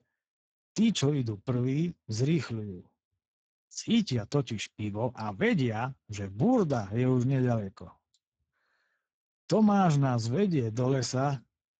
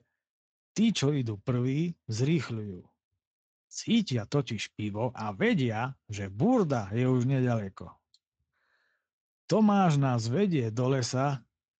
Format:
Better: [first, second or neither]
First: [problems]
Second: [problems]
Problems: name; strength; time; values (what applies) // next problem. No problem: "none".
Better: second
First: garbled, watery; badly; nothing above 7.5 kHz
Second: garbled, watery; slightly; nothing above 7.5 kHz